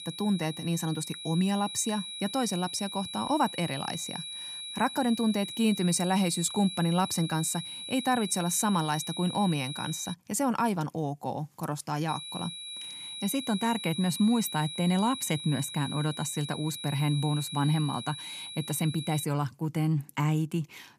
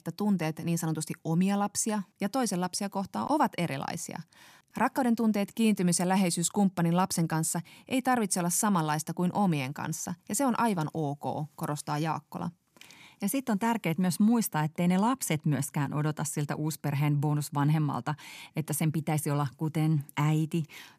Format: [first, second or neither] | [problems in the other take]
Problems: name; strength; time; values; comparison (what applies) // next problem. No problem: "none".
second | high-pitched whine; loud; until 10 s and from 12 to 19 s; 4 kHz, 8 dB below the speech